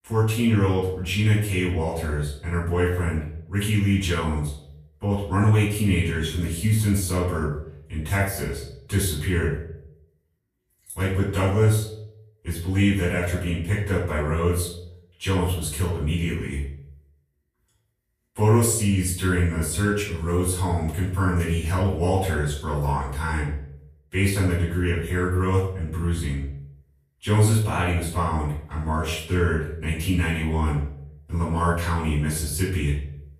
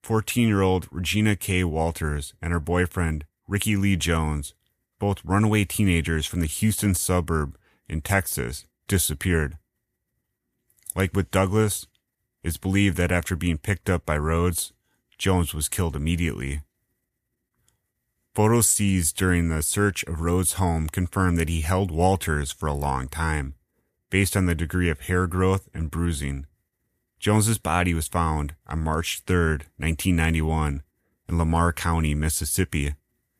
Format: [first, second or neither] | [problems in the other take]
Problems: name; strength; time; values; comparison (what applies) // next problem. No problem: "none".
second | off-mic speech; far // room echo; noticeable; dies away in 0.6 s